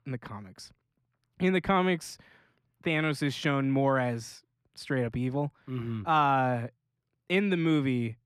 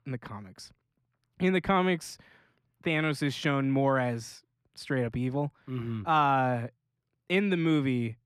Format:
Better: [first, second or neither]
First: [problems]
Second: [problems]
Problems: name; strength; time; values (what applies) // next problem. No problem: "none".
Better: neither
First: muffled; slightly; fading above 3.5 kHz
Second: muffled; slightly; fading above 3.5 kHz